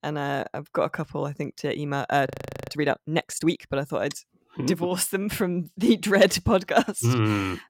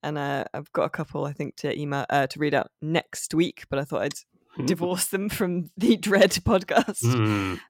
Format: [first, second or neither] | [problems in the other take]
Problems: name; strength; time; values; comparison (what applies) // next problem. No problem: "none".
second | audio freezing; at 2.5 s